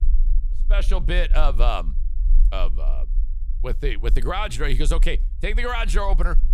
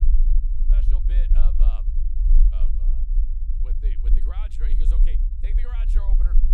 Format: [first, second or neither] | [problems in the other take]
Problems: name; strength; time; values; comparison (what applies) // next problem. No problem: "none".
first | low rumble; loud; throughout; 2 dB below the speech; faint in the first